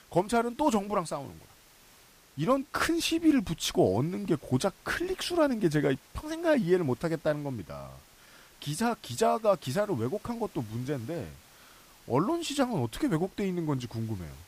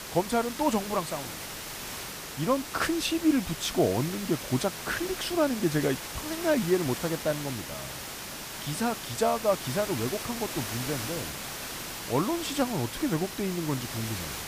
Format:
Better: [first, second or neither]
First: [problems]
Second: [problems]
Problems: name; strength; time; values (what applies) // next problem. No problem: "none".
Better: first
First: hiss; faint; throughout; 25 dB below the speech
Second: hiss; loud; throughout; 6 dB below the speech